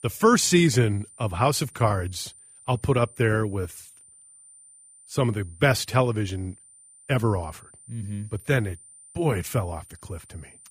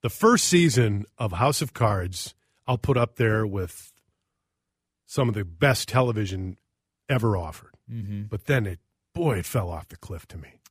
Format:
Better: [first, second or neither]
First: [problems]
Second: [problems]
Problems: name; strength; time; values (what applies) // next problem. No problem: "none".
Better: second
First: high-pitched whine; faint; throughout; 9 kHz, 25 dB below the speech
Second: none